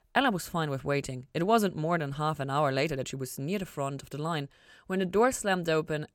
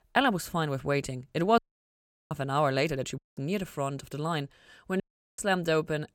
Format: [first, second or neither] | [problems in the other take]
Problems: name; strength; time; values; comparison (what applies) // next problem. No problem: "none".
first | audio cutting out; at 1.5 s for 0.5 s, at 3 s and at 5 s